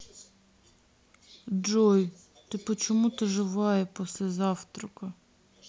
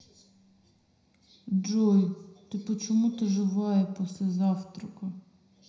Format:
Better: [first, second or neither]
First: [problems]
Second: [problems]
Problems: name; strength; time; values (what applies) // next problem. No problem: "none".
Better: first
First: none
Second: room echo; dies away in 0.9 s